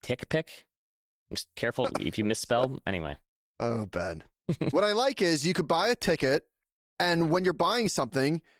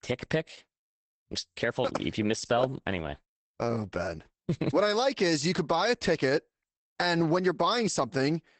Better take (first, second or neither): first